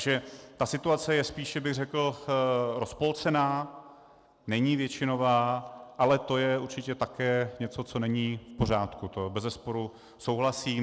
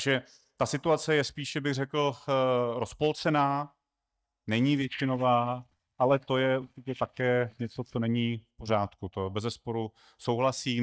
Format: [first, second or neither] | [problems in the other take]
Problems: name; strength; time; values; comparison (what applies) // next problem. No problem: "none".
first | noise reduction (neural mask model DeepFilterNet 3)